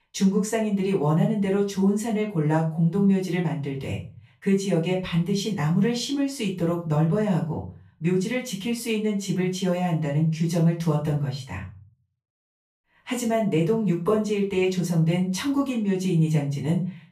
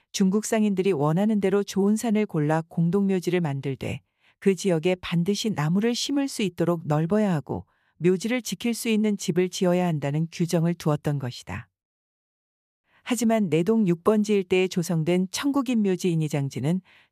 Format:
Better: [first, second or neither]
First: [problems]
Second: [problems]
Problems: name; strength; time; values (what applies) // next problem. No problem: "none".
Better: second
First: room echo; slight; dies away in 0.3 s // off-mic speech; far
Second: none